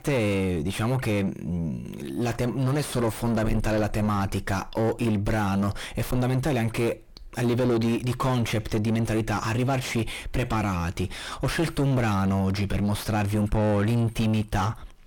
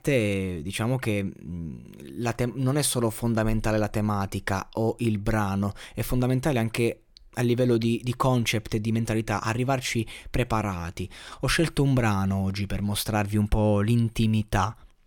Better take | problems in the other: second | distortion; heavy; 5 dB below the speech

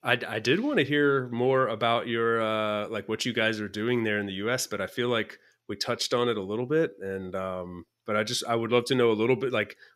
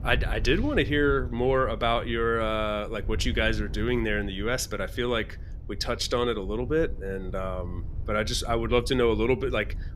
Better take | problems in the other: first | wind noise on the microphone; occasional gusts; 25 dB below the speech

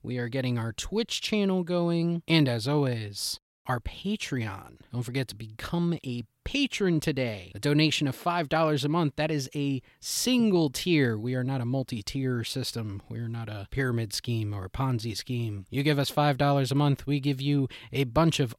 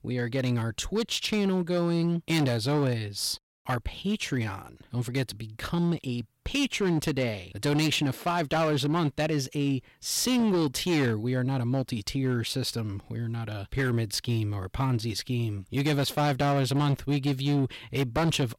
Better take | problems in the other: first | distortion; slight; 10% of the sound clipped

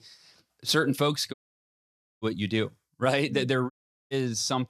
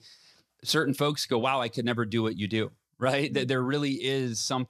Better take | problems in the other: second | audio cutting out; at 1.5 s for 1 s and at 3.5 s

